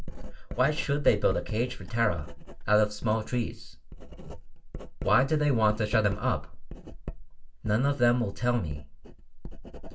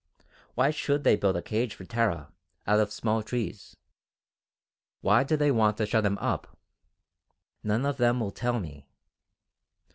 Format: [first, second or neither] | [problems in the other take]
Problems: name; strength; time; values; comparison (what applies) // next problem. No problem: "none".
second | background sound (Writing); 7 dB below the speech // room echo; dies away in 0.2 s